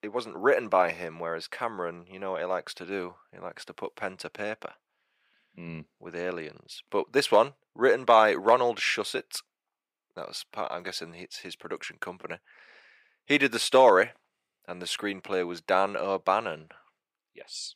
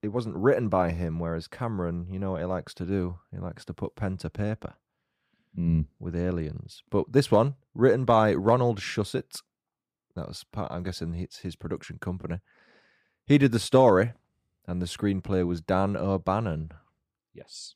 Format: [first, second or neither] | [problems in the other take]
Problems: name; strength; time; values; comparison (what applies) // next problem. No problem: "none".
second | thin; somewhat; fading below 500 Hz